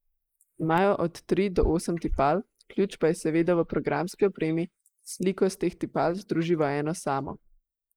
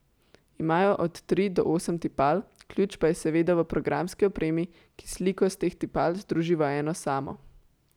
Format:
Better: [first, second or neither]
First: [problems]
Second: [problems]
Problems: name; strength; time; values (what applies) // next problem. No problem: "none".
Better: second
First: noise reduction (neural mask model Resemble Enhance denoiser)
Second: none